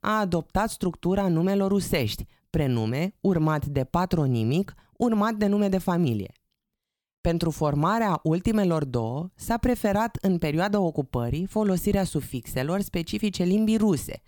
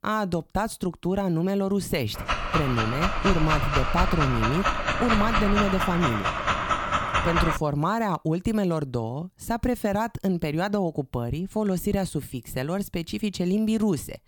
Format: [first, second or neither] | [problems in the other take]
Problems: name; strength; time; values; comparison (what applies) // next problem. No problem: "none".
first | dog barking; loud; from 2.5 to 7.5 s; peak 3 dB above the speech